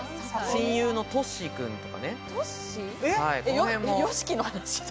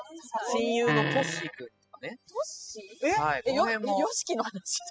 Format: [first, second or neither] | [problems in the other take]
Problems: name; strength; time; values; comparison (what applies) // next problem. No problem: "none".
first | noise reduction (classical method spectral subtraction)